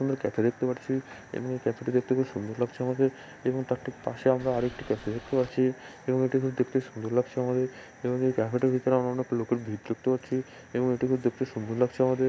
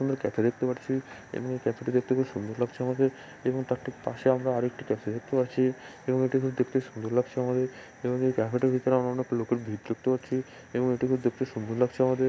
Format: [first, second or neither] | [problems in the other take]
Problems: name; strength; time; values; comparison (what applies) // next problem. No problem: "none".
second | background sound (Boat, Water vehicle); 19 dB below the speech